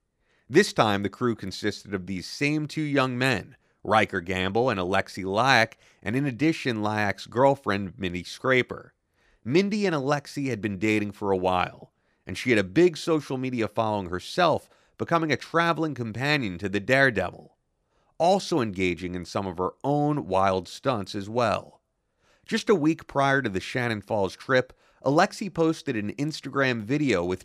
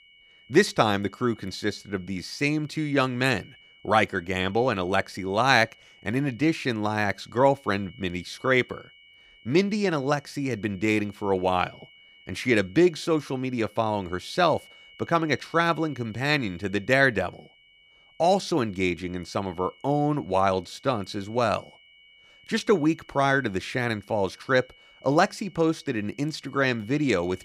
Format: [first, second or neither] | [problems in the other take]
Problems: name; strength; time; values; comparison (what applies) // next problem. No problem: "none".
first | high-pitched whine; faint; throughout; 2 kHz, 25 dB below the speech